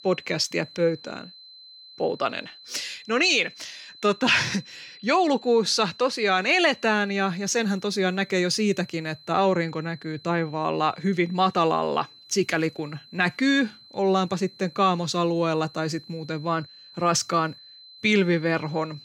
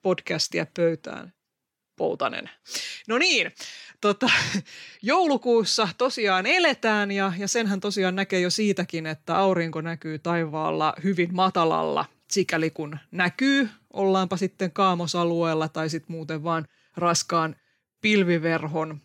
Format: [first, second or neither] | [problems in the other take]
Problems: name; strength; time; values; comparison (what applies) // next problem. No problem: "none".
second | high-pitched whine; faint; throughout; 4 kHz, 20 dB below the speech